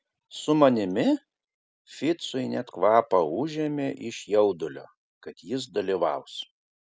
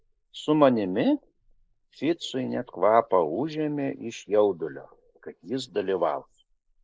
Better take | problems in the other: first | noise reduction (neural mask model Resemble Enhance denoiser)

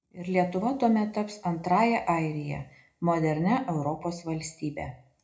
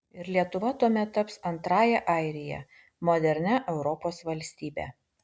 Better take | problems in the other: second | room echo; dies away in 0.4 s

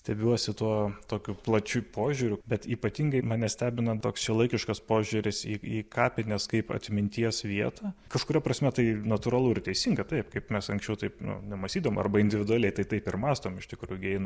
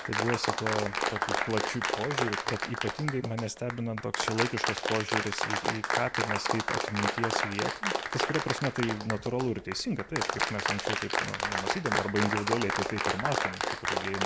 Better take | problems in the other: first | background sound (Applause); 2 dB above the speech

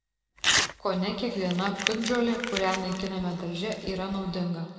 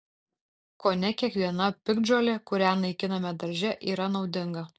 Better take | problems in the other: second | background sound (Crumpling, crinkling / Tearing); 4 dB below the speech // room echo; dies away in 2.2 s

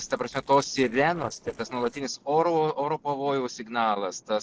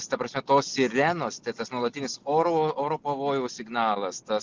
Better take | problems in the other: second | noise reduction (neural separator model SepFormer DNS4)

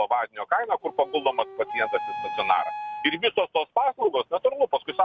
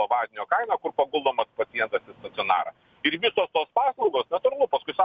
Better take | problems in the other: second | background sound (Wind instrument, woodwind instrument); 12 dB below the speech

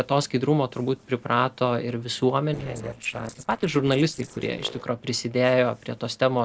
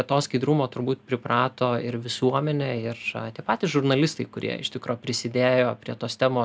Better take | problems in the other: second | noise reduction (neural separator model SepFormer DNS4)

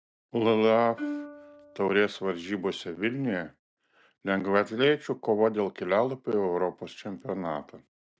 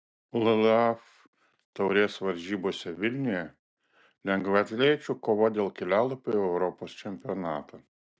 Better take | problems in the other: second | background sound (Plucked string instrument); 12 dB below the speech

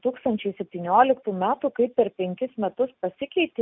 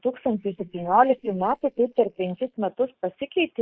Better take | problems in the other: first | noise reduction (neural mask model Resemble Enhance denoiser)

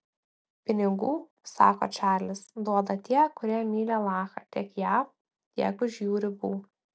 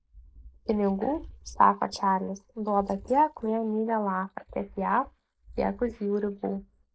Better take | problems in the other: first | noise reduction (neural mask model Resemble Enhance denoiser)

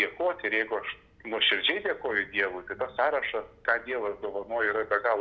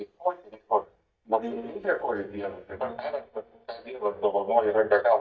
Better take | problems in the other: first | noise reduction (neural mask model DeepFilterNet 3)

